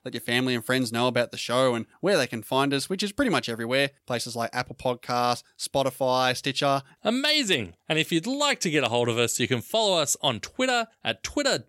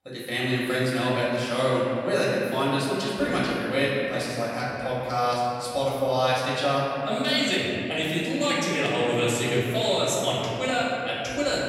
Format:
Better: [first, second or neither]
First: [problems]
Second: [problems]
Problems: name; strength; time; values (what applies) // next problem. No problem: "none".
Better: first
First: none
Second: room echo; strong; dies away in 3 s // off-mic speech; far